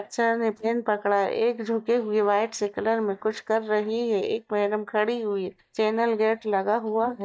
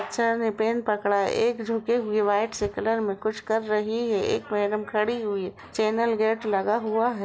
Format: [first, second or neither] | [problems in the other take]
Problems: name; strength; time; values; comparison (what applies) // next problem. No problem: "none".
second | noise reduction (neural mask model DeepFilterNet 3)